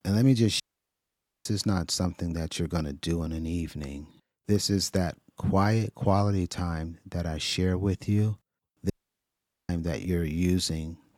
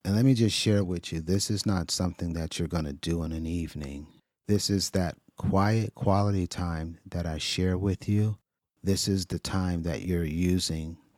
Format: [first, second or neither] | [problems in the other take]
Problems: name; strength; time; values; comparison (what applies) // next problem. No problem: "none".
second | audio cutting out; at 0.5 s for 1 s and at 9 s for 1 s